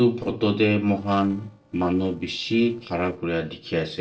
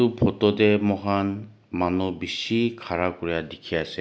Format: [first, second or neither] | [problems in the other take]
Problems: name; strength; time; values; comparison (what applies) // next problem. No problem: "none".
second | noise reduction (neural separator model SepFormer DNS4)